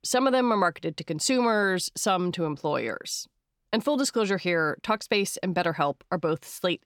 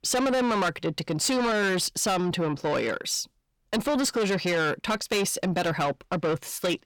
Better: first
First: none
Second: distortion; heavy; 7 dB below the speech

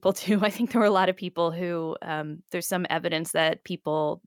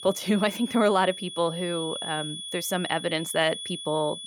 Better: first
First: none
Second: high-pitched whine; loud; throughout; 3.5 kHz, 8 dB below the speech

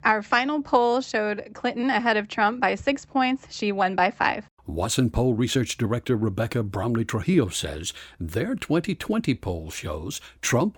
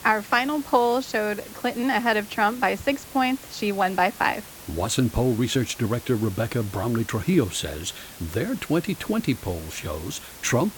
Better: first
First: none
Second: hiss; noticeable; throughout; 15 dB below the speech

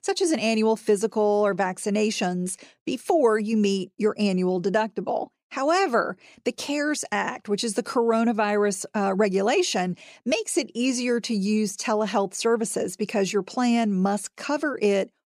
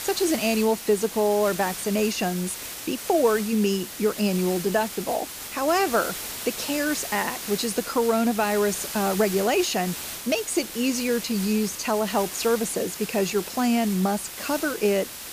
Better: first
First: none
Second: hiss; loud; throughout; 8 dB below the speech

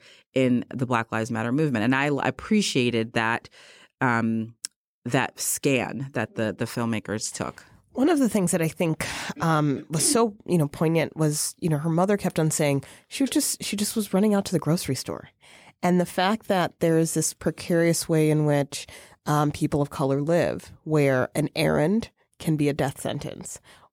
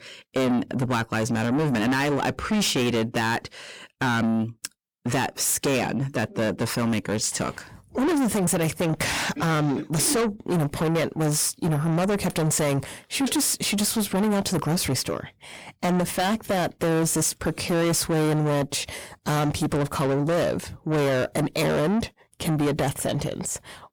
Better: first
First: none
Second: distortion; heavy; 6 dB below the speech

